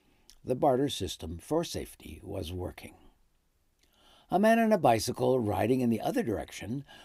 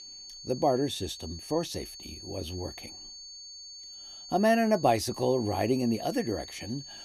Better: first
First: none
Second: high-pitched whine; noticeable; throughout; 4.5 kHz, 15 dB below the speech

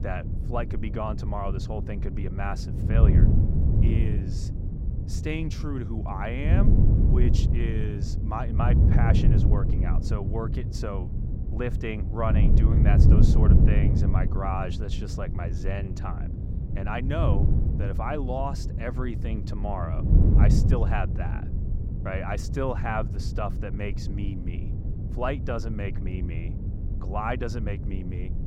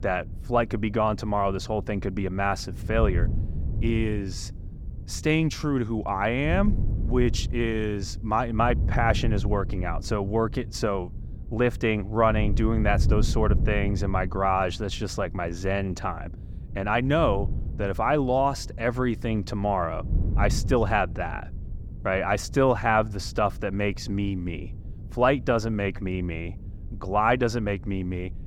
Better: second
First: wind noise on the microphone; heavy; 4 dB below the speech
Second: wind noise on the microphone; occasional gusts; 20 dB below the speech

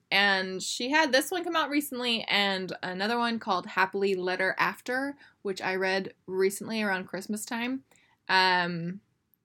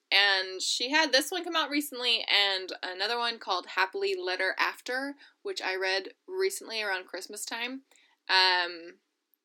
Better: first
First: none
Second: thin; very slightly; fading below 300 Hz

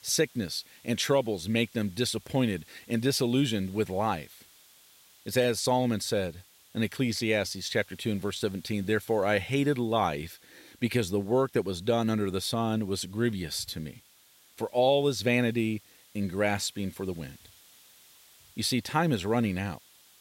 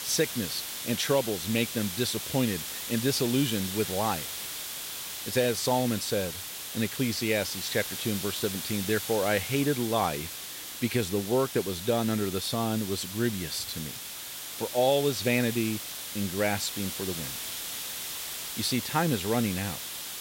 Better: first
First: hiss; faint; throughout; 25 dB below the speech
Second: hiss; loud; throughout; 5 dB below the speech

